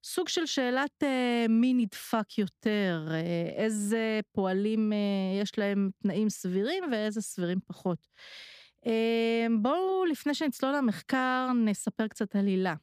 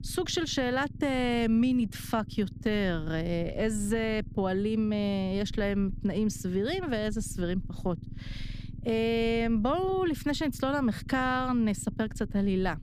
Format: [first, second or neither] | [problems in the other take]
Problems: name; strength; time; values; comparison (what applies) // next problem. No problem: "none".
first | low rumble; faint; throughout; 20 dB below the speech